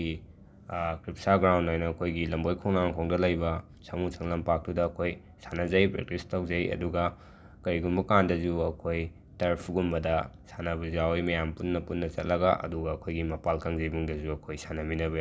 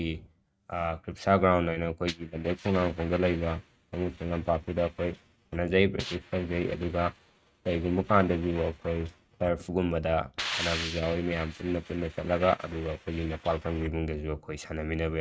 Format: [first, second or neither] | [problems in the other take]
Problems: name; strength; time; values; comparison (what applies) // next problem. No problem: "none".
first | noise reduction (neural mask model RNNoise)